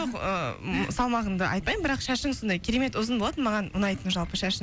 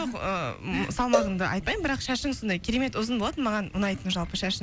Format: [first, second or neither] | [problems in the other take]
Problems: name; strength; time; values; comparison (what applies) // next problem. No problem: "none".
first | background sound (Cowbell); 5 dB below the speech